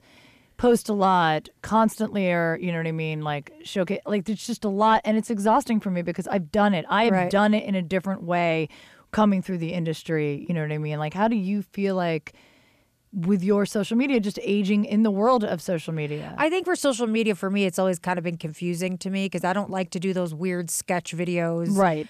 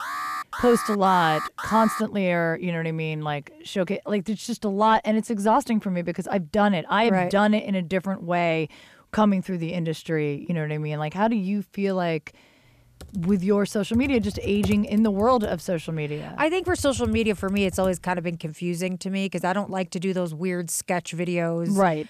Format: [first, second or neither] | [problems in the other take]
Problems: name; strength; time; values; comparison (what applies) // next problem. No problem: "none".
first | alarm; noticeable; until 2 s; peak 5 dB below the speech // keyboard typing; noticeable; from 13 to 18 s; peak 9 dB below the speech